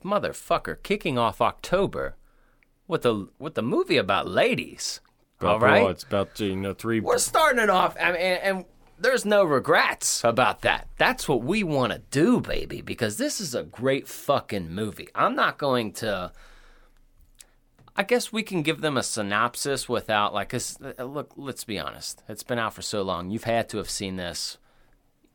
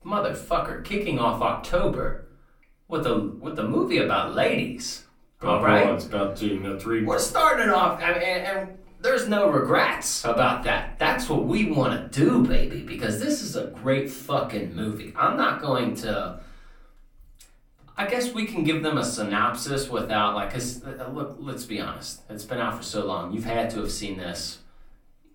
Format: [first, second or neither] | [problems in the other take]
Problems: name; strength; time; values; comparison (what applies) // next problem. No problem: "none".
first | off-mic speech; far // room echo; slight; dies away in 0.4 s